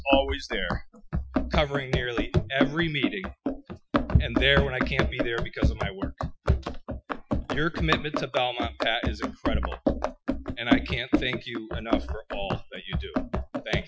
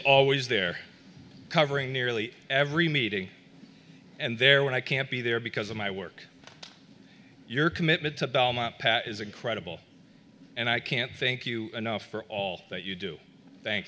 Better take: second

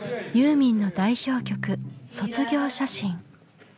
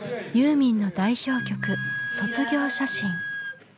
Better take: first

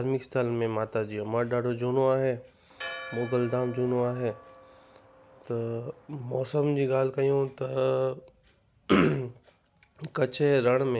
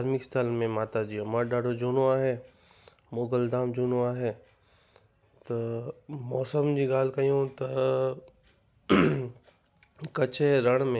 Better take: second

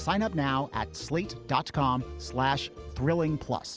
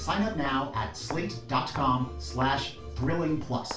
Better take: first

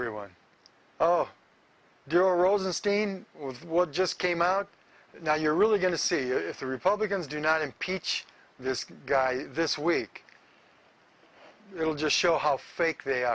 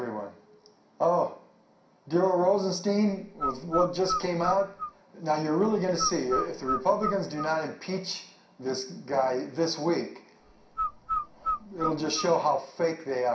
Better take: first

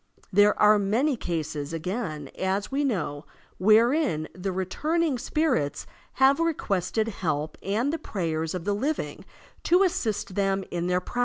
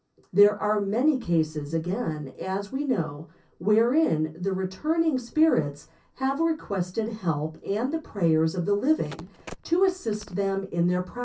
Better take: first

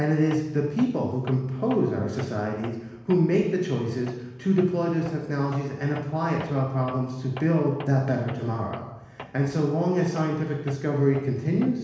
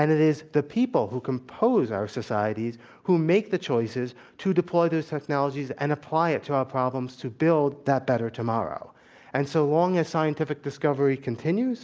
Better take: second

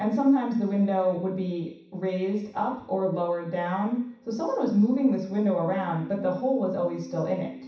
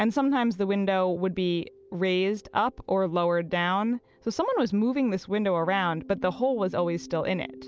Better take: second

